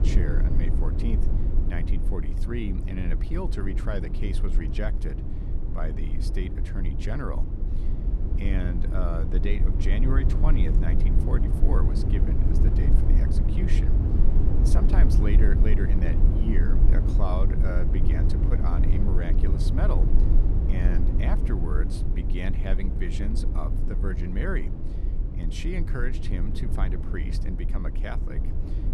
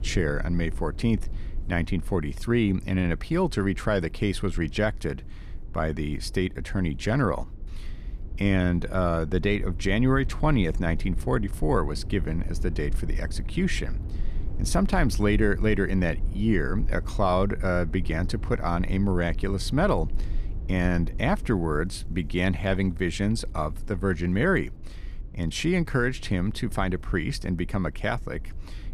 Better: second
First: low rumble; loud; throughout; 2 dB below the speech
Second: low rumble; faint; throughout; 20 dB below the speech

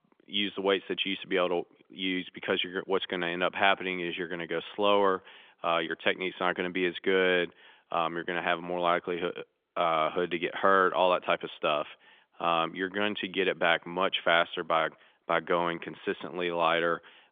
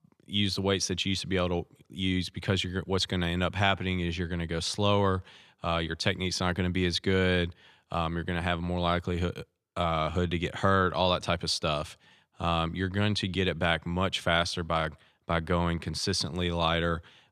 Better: second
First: phone-call audio; nothing above 3.5 kHz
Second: none

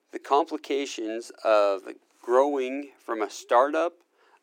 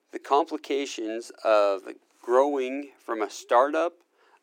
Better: neither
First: thin; very slightly; fading below 300 Hz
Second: thin; very slightly; fading below 300 Hz

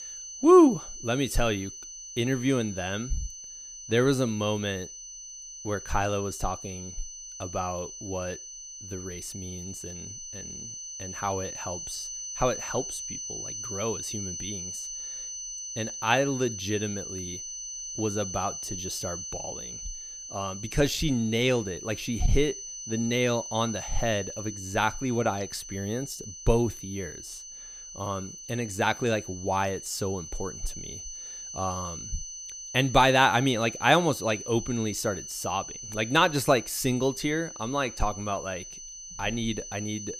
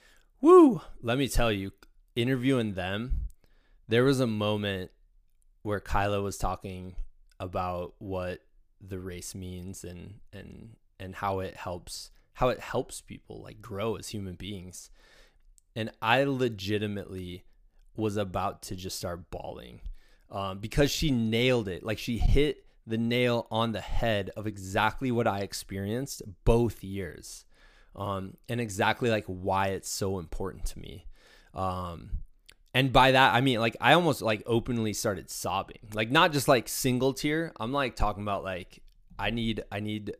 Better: second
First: high-pitched whine; loud; throughout; 6 kHz, 9 dB below the speech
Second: none

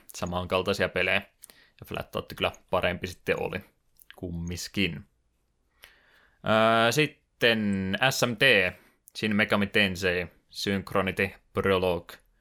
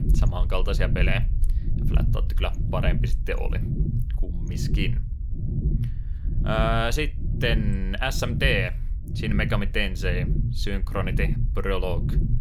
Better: first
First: none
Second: low rumble; noticeable; throughout; 10 dB below the speech

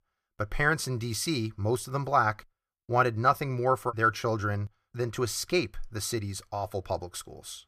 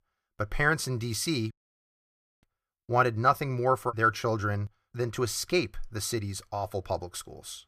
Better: first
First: none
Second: audio cutting out; at 1.5 s for 1 s

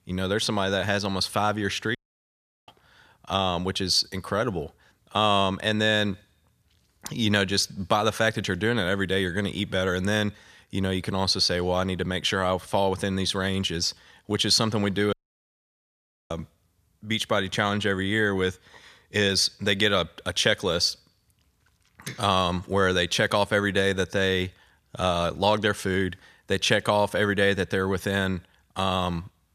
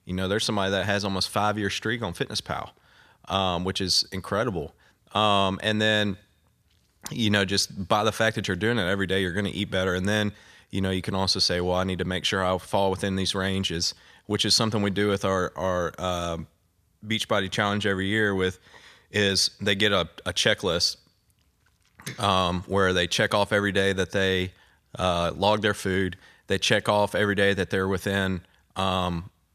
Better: second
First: audio cutting out; at 2 s for 0.5 s and at 15 s for 1 s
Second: none

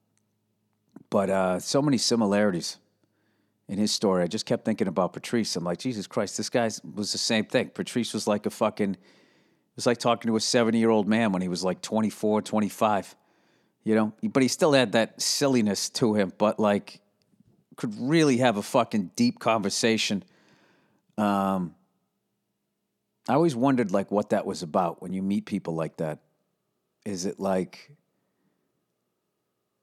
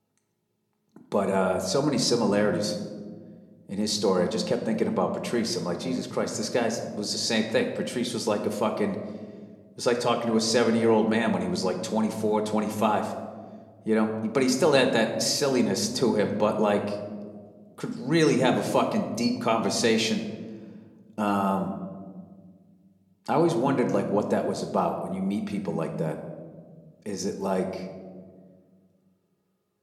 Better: first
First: none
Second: room echo; slight; dies away in 1.1 s

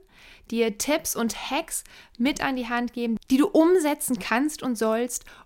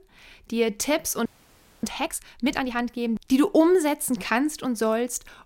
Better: first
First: none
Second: audio freezing; at 1.5 s for 0.5 s

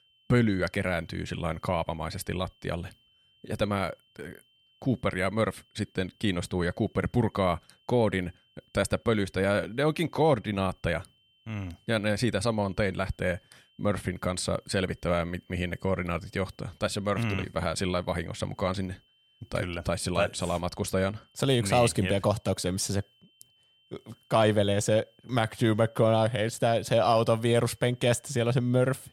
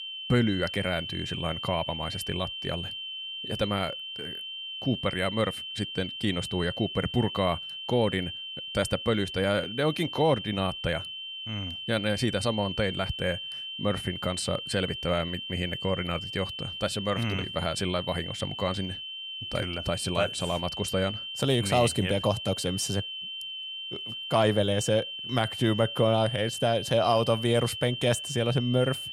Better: first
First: high-pitched whine; faint; throughout; 3 kHz, 35 dB below the speech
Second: high-pitched whine; loud; throughout; 3 kHz, 6 dB below the speech

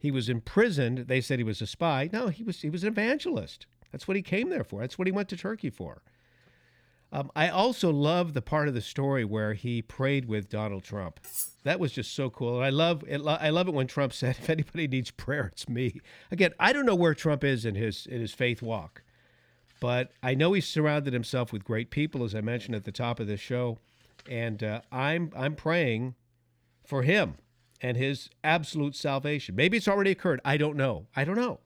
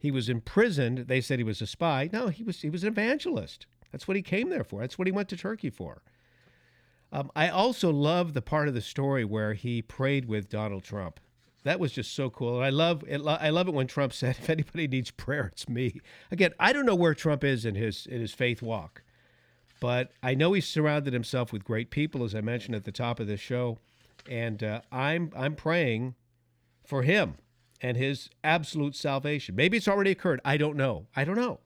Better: second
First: clattering dishes; noticeable; at 11 s; peak 4 dB below the speech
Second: none

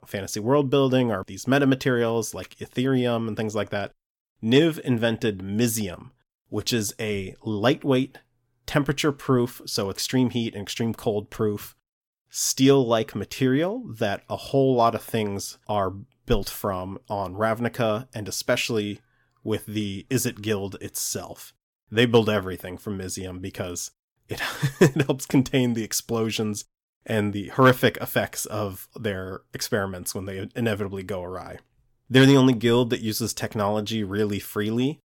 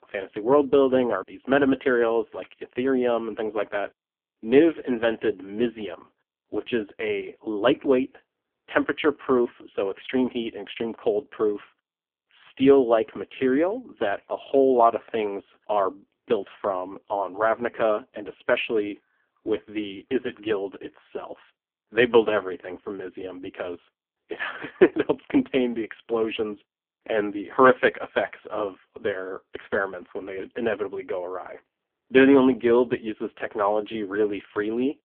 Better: first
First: none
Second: phone-call audio; poor line; nothing above 3.5 kHz

